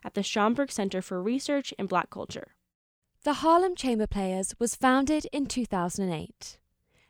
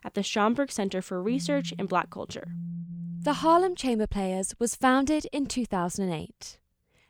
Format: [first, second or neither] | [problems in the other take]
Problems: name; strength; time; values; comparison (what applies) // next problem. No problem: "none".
first | phone ringing; noticeable; from 1.5 to 3.5 s; peak 9 dB below the speech